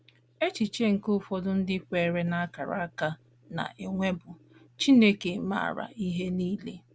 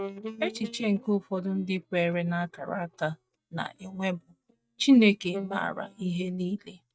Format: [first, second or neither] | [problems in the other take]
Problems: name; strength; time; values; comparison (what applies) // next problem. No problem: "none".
first | noise reduction (neural mask model DeepFilterNet 3)